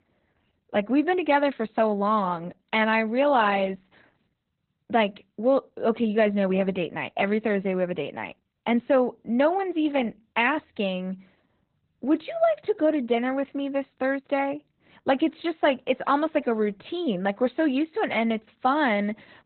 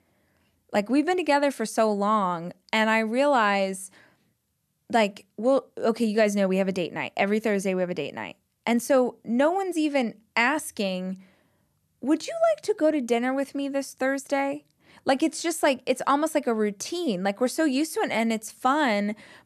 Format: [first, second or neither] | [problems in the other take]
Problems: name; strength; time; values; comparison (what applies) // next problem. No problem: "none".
second | garbled, watery; badly; nothing above 4 kHz